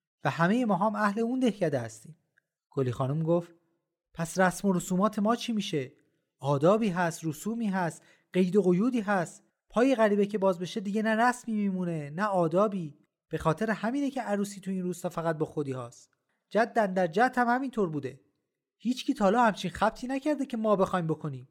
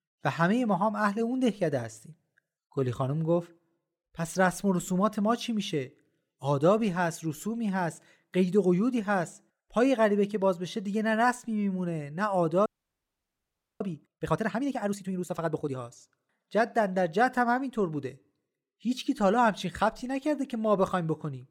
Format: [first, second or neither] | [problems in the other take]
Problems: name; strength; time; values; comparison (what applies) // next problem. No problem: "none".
first | audio freezing; at 13 s for 1 s